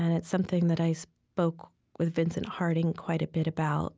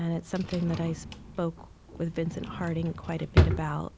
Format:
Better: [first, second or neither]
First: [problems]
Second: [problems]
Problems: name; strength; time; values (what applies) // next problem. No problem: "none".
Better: first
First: none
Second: background sound (Drawer open or close); as loud as the speech